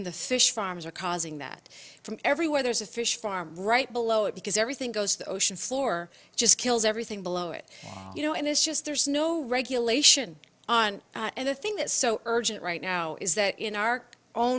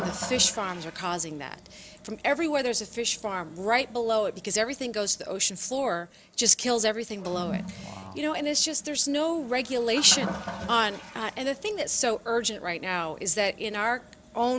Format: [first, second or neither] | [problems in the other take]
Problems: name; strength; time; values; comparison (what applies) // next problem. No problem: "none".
first | background sound (Toilet flush); 14 dB below the speech